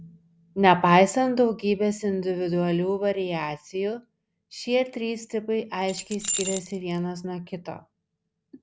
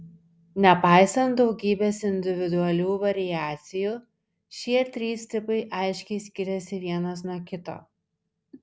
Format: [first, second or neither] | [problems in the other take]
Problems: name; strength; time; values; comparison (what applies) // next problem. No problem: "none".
second | background sound (Keys jangling); 7 dB below the speech